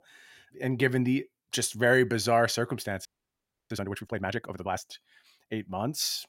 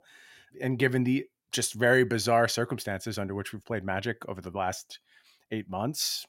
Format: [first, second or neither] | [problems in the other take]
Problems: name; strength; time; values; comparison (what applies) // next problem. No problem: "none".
second | audio freezing; at 3 s for 0.5 s